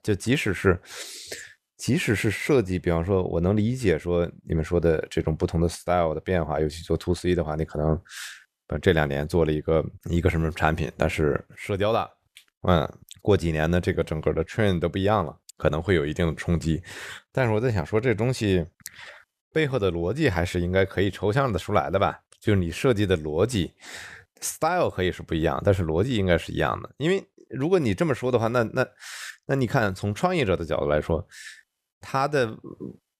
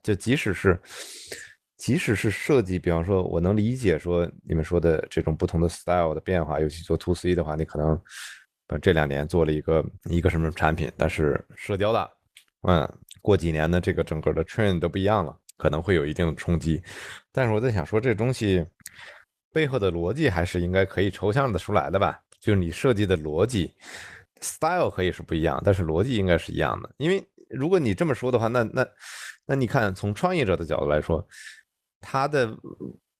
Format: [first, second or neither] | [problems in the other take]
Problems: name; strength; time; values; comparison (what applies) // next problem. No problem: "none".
first | garbled, watery; slightly; nothing above 13.5 kHz